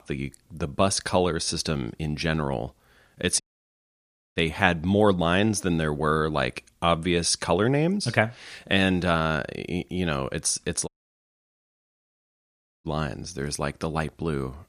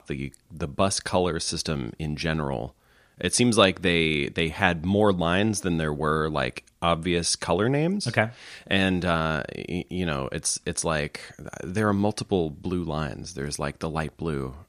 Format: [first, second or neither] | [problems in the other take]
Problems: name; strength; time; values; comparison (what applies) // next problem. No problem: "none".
second | audio cutting out; at 3.5 s for 1 s and at 11 s for 2 s